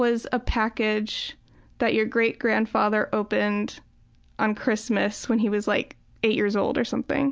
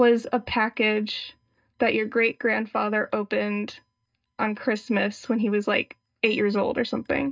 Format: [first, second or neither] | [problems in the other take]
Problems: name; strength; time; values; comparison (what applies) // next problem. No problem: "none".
first | noise reduction (neural mask model DeepFilterNet 3)